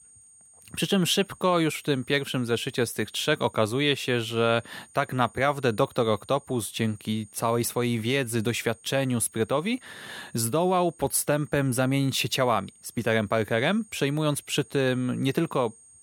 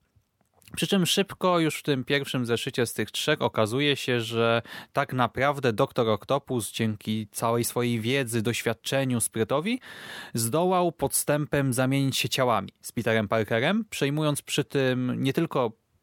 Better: second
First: high-pitched whine; faint; throughout; 8.5 kHz, 25 dB below the speech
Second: none

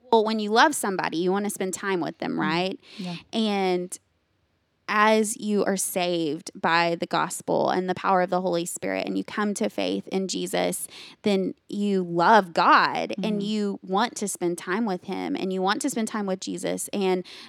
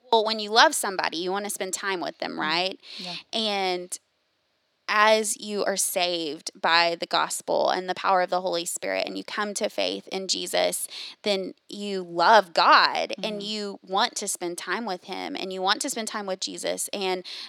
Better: first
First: none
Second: thin; somewhat; fading below 700 Hz

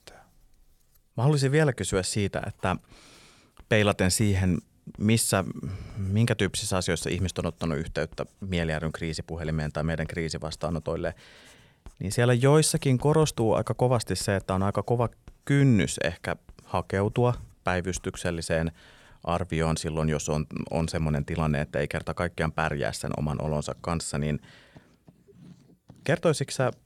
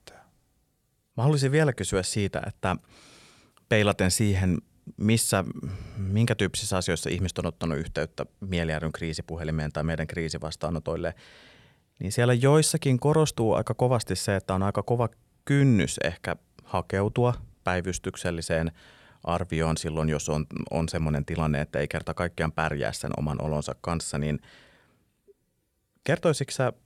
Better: second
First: household noises; faint; throughout; 30 dB below the speech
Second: none

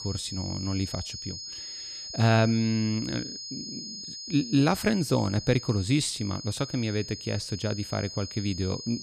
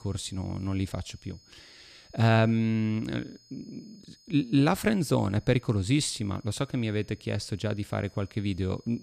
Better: second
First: high-pitched whine; loud; throughout; 5 kHz, 9 dB below the speech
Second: high-pitched whine; faint; throughout; 5 kHz, 30 dB below the speech

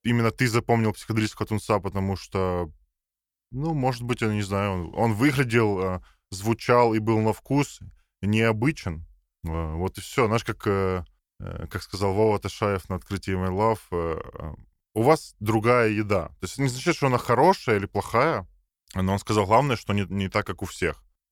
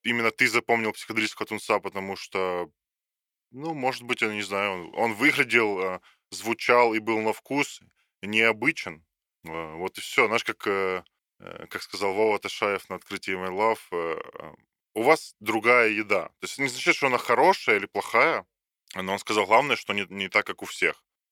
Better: first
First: none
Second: thin; somewhat; fading below 300 Hz

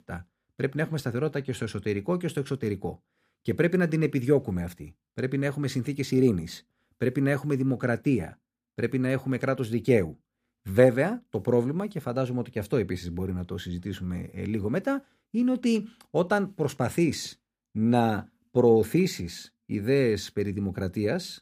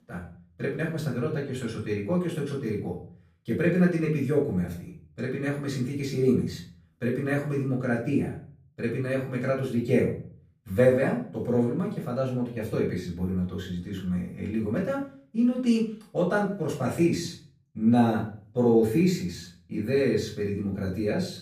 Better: first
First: none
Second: off-mic speech; far // room echo; slight; dies away in 0.4 s

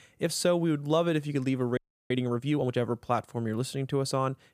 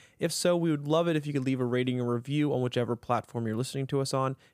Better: second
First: audio freezing; at 2 s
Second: none

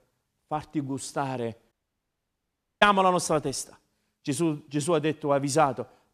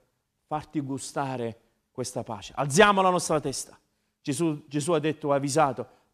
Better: second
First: audio cutting out; at 1.5 s for 1 s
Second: none

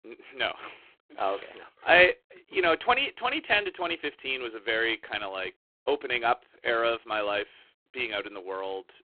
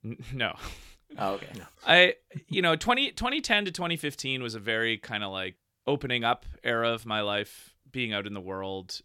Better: second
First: phone-call audio; poor line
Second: none

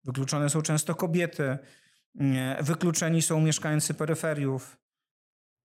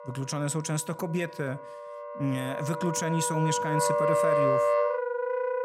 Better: first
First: none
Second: background music; very loud; throughout; 3 dB above the speech

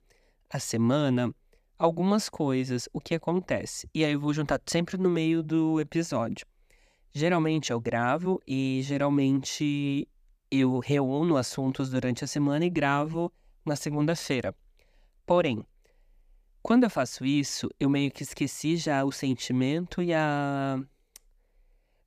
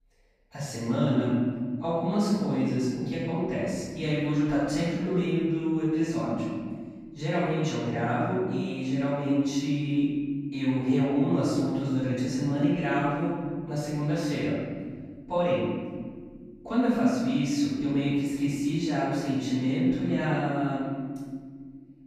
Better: first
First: none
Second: off-mic speech; far // room echo; strong; dies away in 2 s

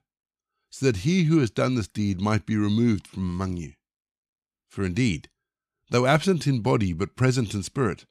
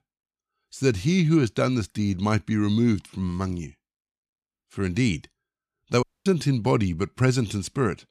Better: first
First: none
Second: audio cutting out; at 6 s

